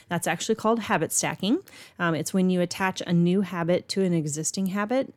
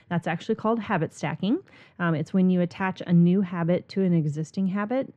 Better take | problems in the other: first | muffled; very; fading above 2.5 kHz

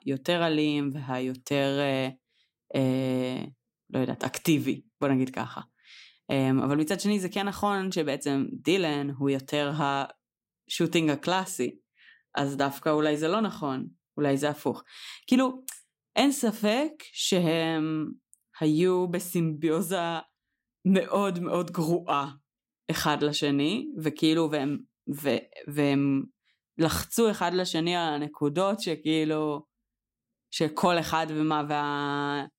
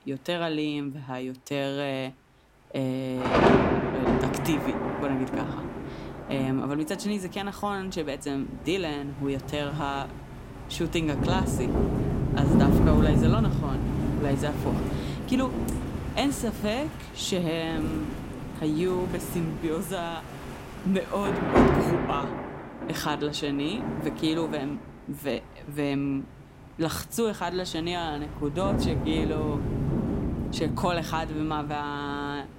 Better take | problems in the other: first | rain or running water; very loud; throughout; 2 dB above the speech

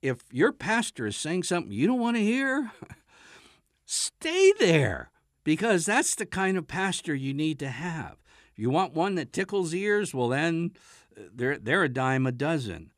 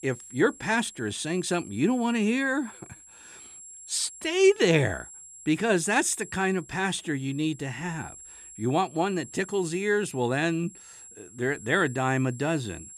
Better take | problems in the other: first | high-pitched whine; noticeable; throughout; 7.5 kHz, 20 dB below the speech

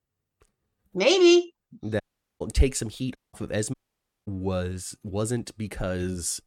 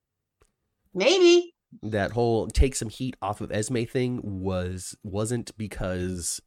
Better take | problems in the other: second | audio cutting out; at 2 s, at 3 s and at 3.5 s for 0.5 s

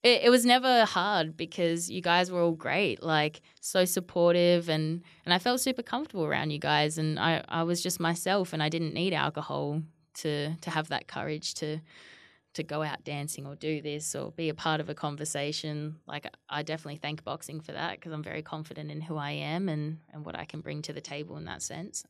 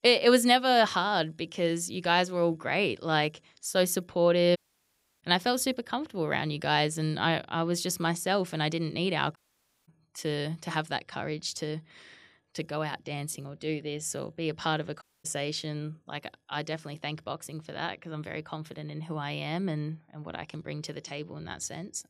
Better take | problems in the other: first | audio cutting out; at 4.5 s for 0.5 s, at 9.5 s for 0.5 s and at 15 s

